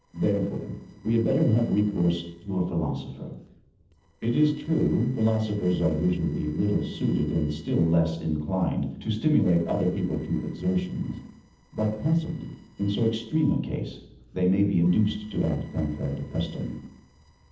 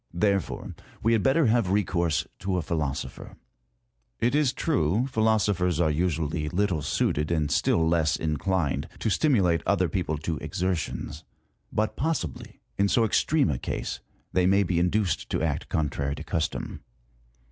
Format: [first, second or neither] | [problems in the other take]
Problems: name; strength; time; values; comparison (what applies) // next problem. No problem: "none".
second | noise reduction (neural separator model SepFormer DNS4)